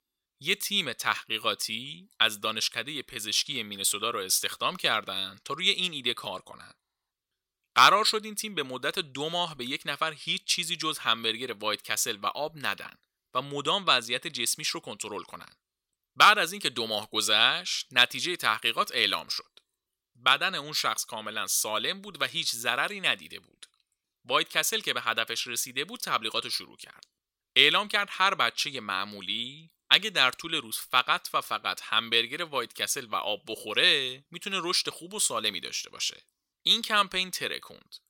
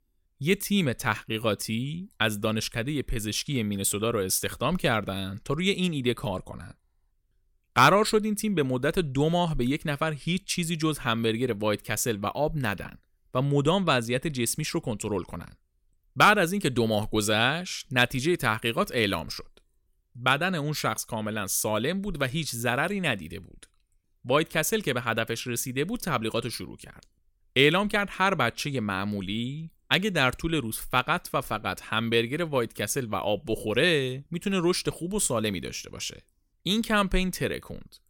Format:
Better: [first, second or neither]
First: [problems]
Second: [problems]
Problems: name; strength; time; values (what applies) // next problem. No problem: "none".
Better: second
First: thin; somewhat; fading below 850 Hz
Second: none